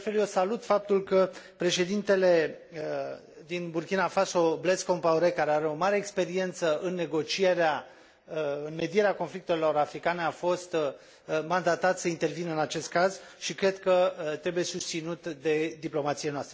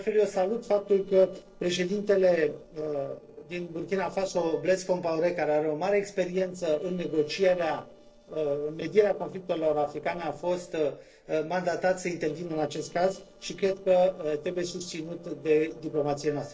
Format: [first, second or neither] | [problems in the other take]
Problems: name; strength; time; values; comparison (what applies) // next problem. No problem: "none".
first | noise reduction (neural separator model SepFormer DNS4)